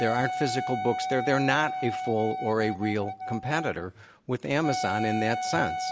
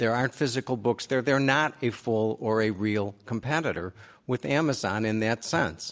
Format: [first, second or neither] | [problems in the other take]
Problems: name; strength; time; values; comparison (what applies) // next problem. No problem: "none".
second | background sound (Wind instrument, woodwind instrument); 4 dB below the speech